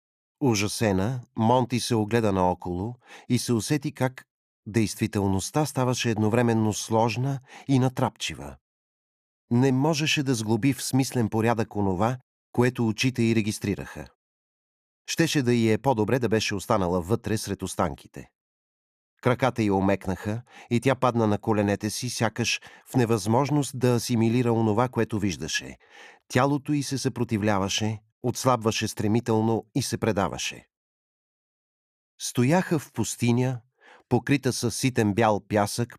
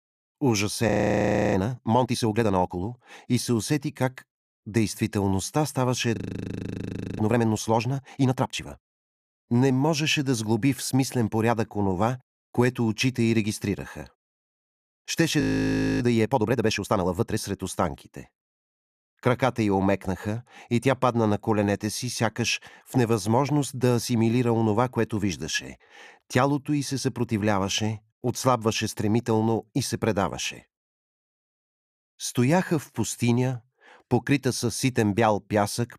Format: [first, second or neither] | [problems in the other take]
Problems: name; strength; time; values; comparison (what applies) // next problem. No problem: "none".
first | audio freezing; at 1 s for 0.5 s, at 6 s for 1 s and at 15 s for 0.5 s